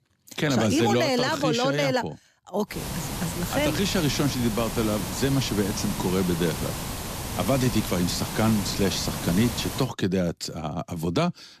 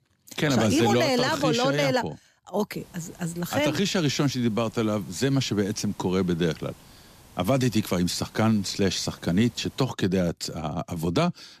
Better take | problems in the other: second | hiss; loud; from 3 to 10 s; 6 dB below the speech; faint in the second

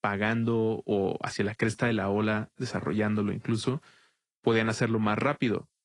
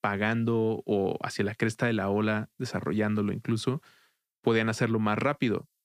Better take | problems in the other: second | garbled, watery; slightly; nothing above 10 kHz

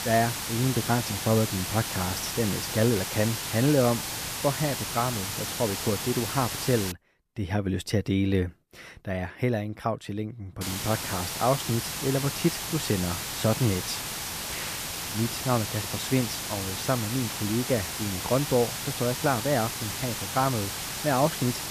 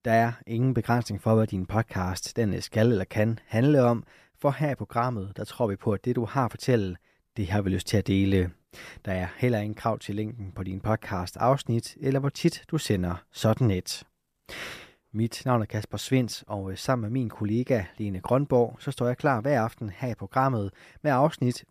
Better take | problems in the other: second | hiss; loud; until 7 s and from 11 s on; 3 dB below the speech

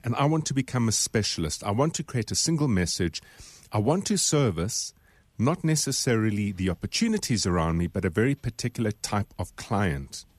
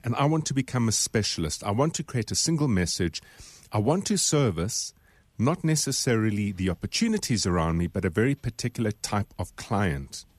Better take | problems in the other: neither | none

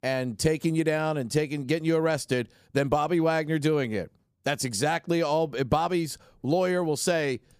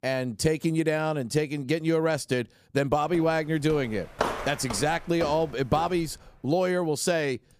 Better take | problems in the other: first | footsteps; noticeable; from 3 to 6 s; peak 3 dB below the speech

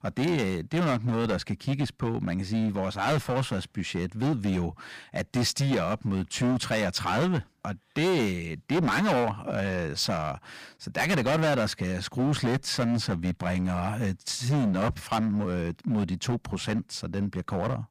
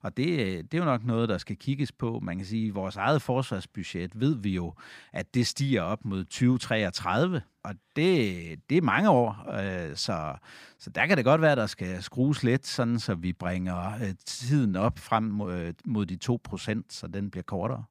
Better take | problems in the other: second | distortion; heavy; 14% of the sound clipped

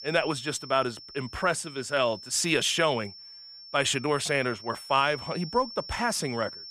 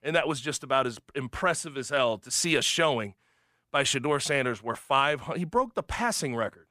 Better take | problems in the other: second | high-pitched whine; noticeable; throughout; 5.5 kHz, 15 dB below the speech

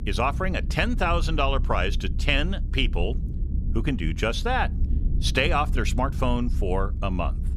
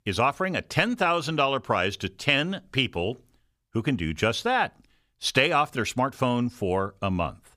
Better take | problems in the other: second | low rumble; noticeable; throughout; 20 dB below the speech

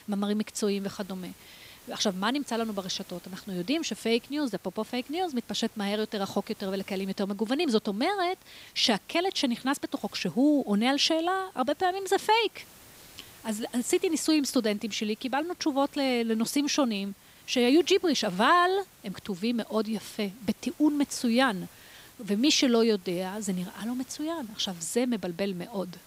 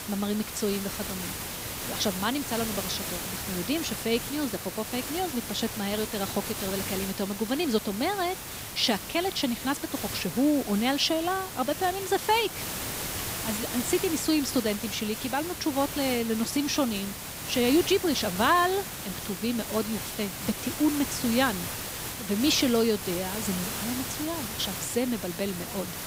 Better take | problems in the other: first | hiss; loud; throughout; 5 dB below the speech; faint in the first

